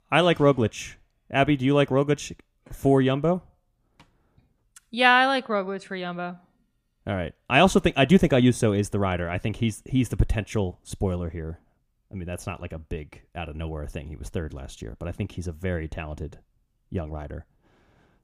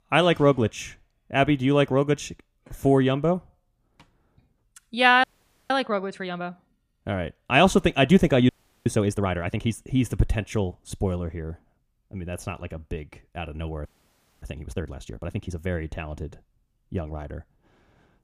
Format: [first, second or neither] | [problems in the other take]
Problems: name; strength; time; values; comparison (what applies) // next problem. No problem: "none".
first | audio freezing; at 5 s, at 8.5 s and at 14 s for 0.5 s